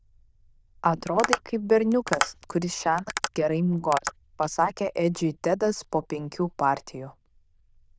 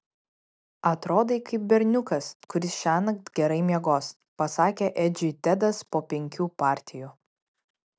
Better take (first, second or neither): second